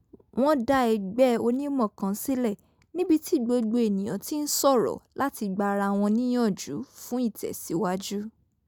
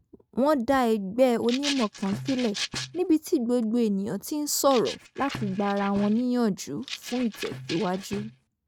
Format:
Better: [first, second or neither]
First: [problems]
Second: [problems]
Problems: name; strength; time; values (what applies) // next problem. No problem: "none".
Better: first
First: none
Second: noise reduction (neural mask model RNNoise)